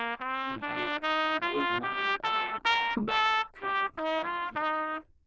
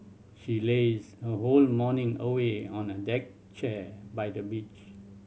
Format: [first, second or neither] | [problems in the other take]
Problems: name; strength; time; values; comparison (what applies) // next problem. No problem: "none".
second | noise reduction (neural diffusion model UNIVERSE++)